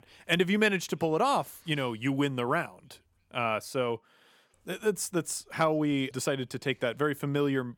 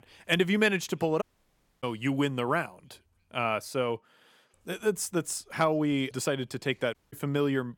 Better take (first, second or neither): first